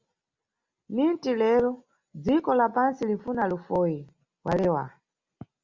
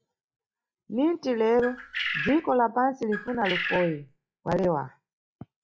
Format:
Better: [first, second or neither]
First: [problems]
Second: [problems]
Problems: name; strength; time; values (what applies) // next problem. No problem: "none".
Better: first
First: none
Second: noise reduction (classical method log-MMSE)